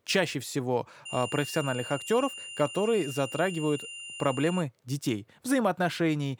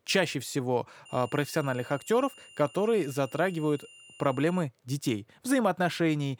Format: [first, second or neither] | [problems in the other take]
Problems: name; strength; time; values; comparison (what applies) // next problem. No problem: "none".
second | high-pitched whine; loud; from 1 to 4.5 s; 3 kHz, 9 dB below the speech; faint in the second